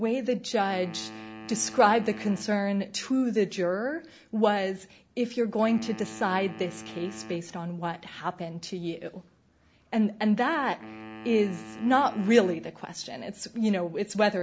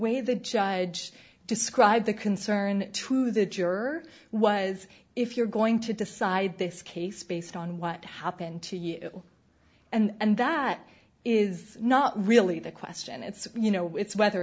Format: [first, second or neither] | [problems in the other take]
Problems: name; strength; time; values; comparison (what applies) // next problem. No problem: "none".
second | background sound (Wind instrument, woodwind instrument); 17 dB below the speech